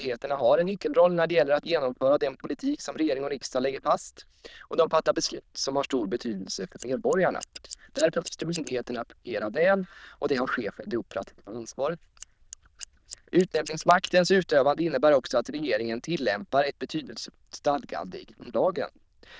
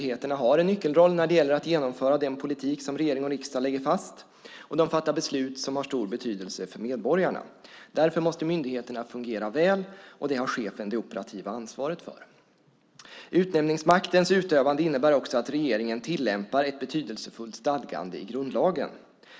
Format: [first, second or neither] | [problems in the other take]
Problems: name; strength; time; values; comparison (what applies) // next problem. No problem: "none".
second | noise reduction (neural diffusion model UNIVERSE++)